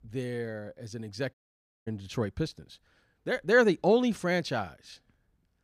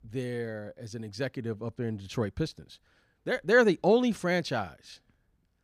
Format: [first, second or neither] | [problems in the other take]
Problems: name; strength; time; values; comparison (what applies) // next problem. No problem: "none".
second | audio cutting out; at 1.5 s for 0.5 s